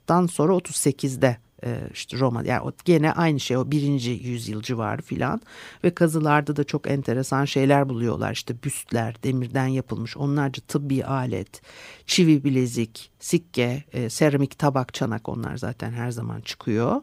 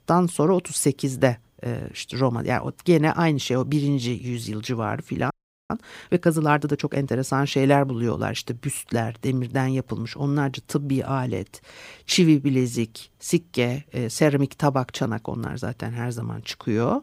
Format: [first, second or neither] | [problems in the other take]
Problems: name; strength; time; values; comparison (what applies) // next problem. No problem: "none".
first | audio freezing; at 5.5 s